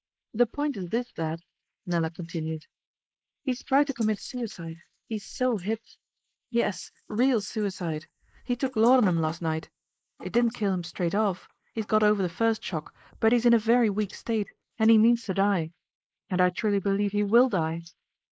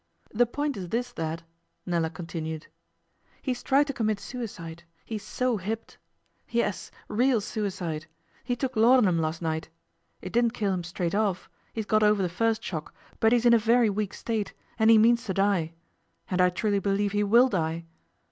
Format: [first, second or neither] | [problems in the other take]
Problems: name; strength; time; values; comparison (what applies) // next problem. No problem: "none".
second | noise reduction (neural mask model Resemble Enhance denoiser)